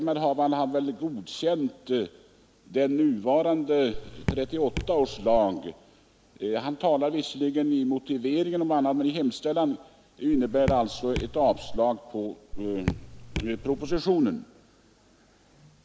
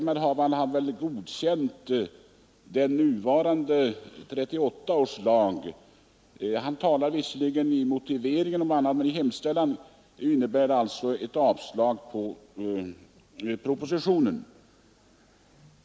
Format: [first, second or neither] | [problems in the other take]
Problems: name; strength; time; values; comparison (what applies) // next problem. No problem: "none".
second | background sound (Raindrop / Drip); 7 dB below the speech